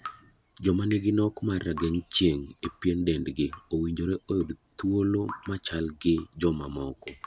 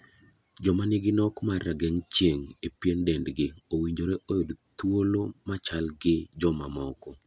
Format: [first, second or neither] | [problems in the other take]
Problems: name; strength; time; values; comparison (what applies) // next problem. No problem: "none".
second | background sound (Drip); 20 dB below the speech